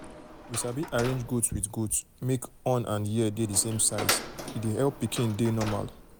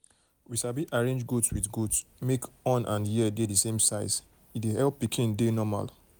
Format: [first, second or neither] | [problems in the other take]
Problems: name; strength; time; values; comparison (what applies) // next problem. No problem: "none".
second | background sound (Door); 10 dB below the speech